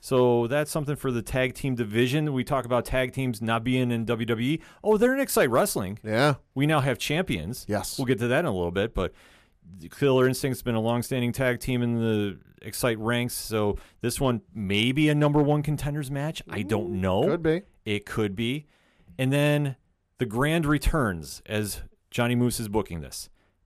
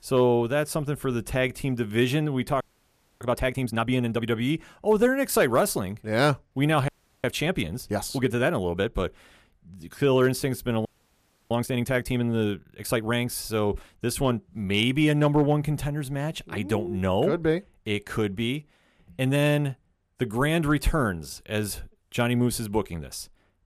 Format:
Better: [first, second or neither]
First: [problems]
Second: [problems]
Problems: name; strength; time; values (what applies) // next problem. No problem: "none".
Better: first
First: none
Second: audio freezing; at 2.5 s for 0.5 s, at 7 s and at 11 s for 0.5 s